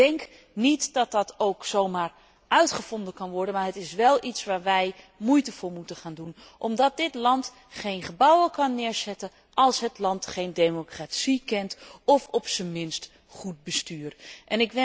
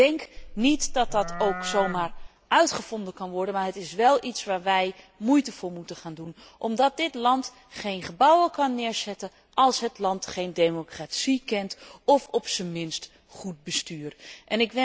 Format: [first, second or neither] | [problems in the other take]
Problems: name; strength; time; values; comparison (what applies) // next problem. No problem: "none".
first | background sound (Livestock, farm animals, working animals); 7 dB below the speech